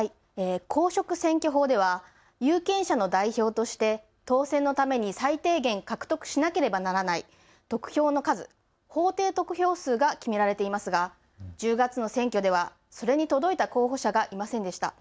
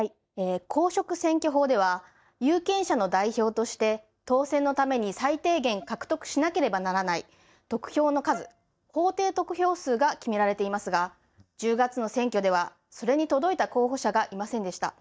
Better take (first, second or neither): first